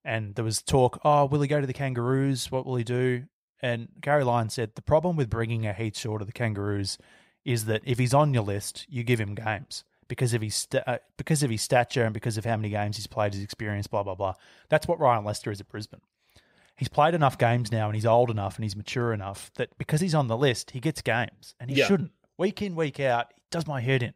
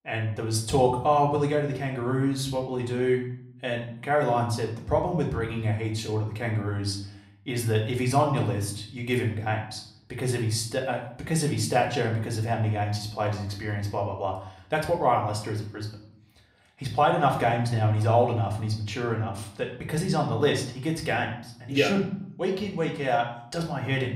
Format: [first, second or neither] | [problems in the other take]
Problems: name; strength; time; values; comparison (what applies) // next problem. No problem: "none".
first | room echo; slight; dies away in 0.5 s // off-mic speech; far